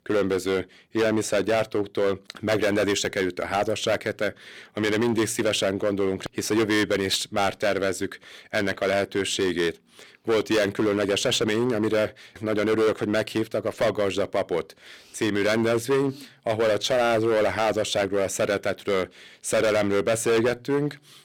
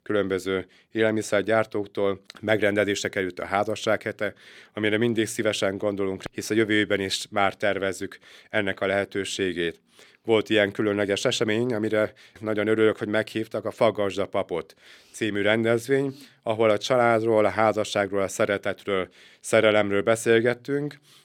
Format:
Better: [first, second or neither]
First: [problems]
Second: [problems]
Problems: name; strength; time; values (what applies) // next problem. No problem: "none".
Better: second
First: distortion; heavy; 11% of the sound clipped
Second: none